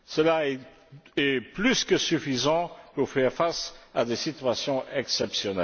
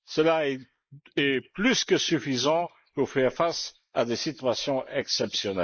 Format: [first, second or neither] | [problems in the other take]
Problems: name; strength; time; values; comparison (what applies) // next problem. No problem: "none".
first | noise reduction (neural mask model Resemble Enhance denoiser)